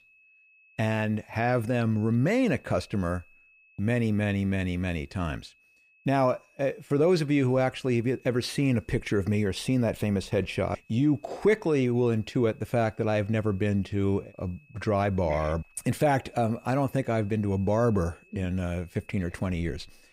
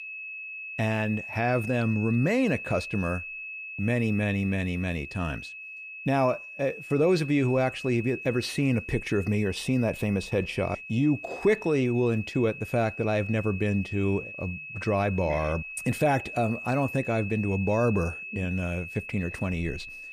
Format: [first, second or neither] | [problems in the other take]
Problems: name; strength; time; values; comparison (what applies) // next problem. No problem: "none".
first | high-pitched whine; loud; throughout; 2.5 kHz, 10 dB below the speech; faint in the first